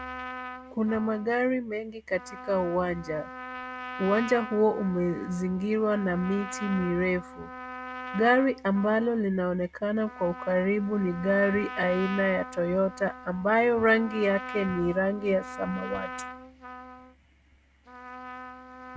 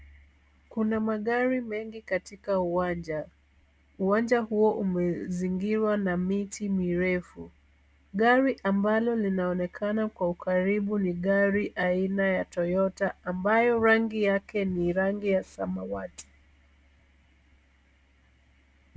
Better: second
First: background sound (Trumpet); 13 dB below the speech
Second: none

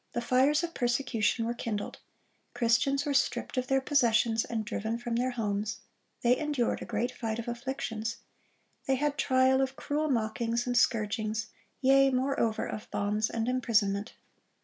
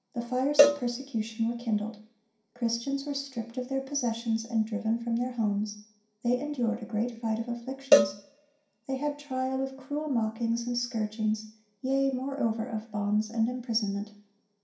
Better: first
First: none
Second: background sound (Cowbell); 1 dB above the speech // room echo; dies away in 0.5 s

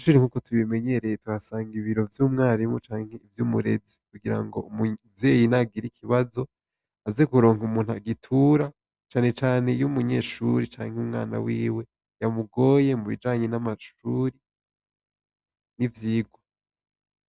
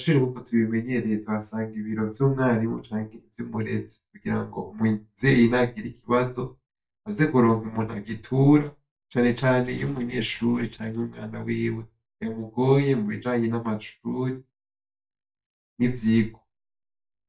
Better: first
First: none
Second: noise reduction (neural mask model DeepFilterNet 3)

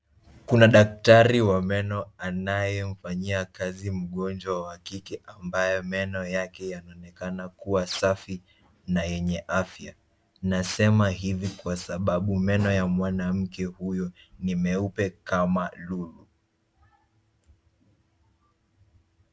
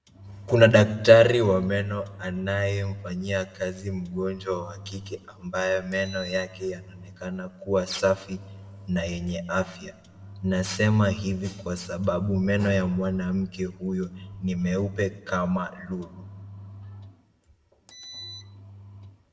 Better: first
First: none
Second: background sound (Engine); 19 dB below the speech // room echo; dies away in 1 s

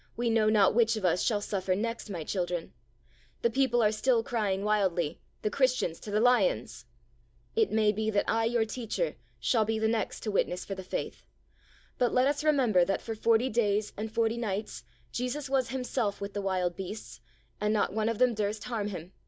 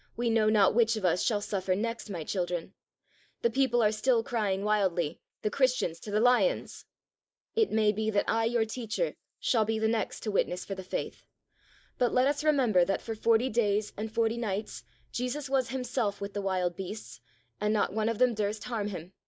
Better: first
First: none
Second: noise reduction (neural mask model Resemble Enhance denoiser)

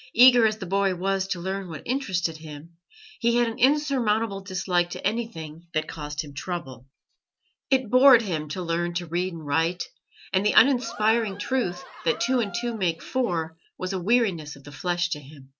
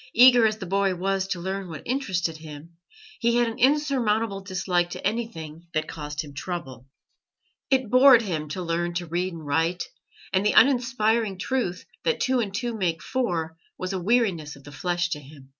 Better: second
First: background sound (Cheering); 16 dB below the speech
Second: none

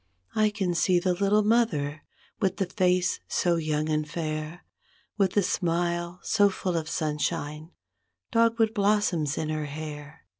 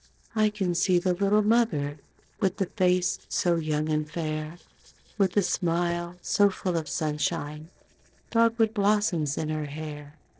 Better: first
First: none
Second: noise reduction (neural separator model SepFormer DNS4)

